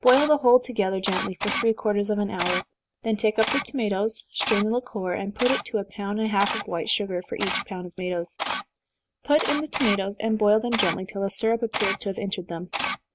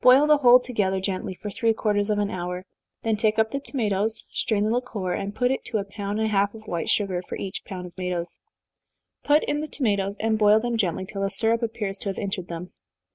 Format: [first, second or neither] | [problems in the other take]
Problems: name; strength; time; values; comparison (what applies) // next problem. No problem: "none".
second | background sound (Camera); 8 dB below the speech